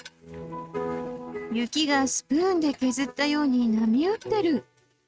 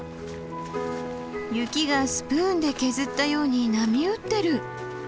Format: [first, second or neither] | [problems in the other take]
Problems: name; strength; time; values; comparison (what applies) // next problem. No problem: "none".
second | noise reduction (neural mask model RNNoise)